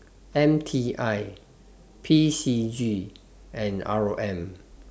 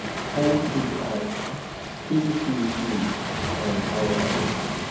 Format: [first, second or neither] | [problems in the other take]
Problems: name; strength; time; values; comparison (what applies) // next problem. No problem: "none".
first | background sound (Waves, surf); 1 dB below the speech // room echo; dies away in 1.2 s